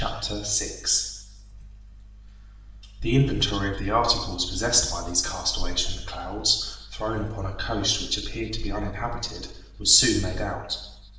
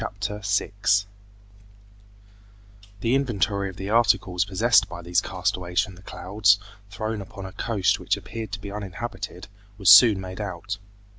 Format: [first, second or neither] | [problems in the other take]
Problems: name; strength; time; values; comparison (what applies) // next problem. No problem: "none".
second | room echo; dies away in 0.8 s